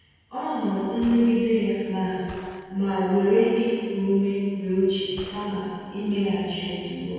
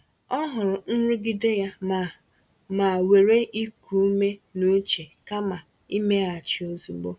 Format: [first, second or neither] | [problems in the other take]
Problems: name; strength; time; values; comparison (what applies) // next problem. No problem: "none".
second | background sound (Gunshot, gunfire); 20 dB below the speech // room echo; dies away in 2.1 s